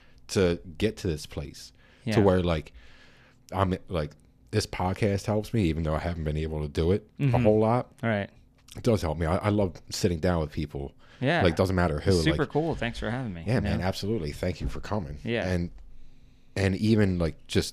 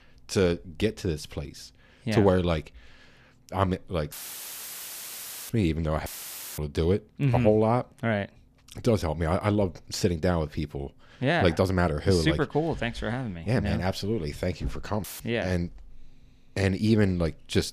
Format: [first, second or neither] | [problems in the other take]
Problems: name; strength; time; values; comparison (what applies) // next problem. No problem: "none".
first | audio cutting out; filled with static; at 4 s for 1.5 s, at 6 s for 0.5 s and at 15 s